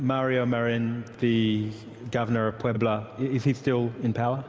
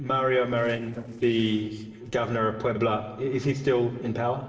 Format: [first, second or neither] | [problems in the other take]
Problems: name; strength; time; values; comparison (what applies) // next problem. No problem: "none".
first | noise reduction (neural separator model SepFormer DNS4)